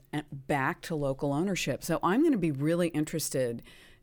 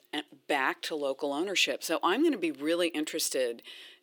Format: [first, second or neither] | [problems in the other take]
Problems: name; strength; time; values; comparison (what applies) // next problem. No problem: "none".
first | thin; somewhat; fading below 350 Hz